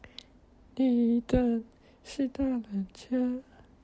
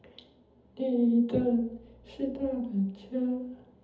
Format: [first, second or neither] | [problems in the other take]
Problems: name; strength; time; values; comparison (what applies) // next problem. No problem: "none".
first | room echo; dies away in 0.7 s